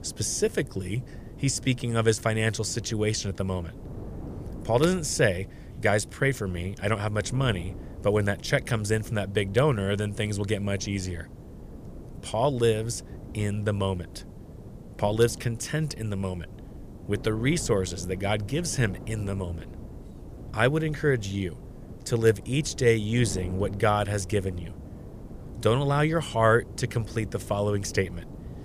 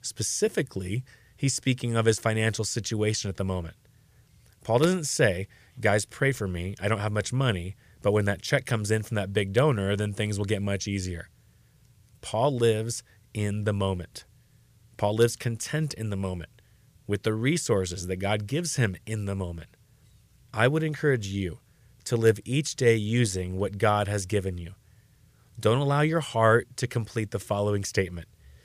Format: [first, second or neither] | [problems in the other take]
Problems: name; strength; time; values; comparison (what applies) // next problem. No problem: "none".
second | wind noise on the microphone; occasional gusts; 20 dB below the speech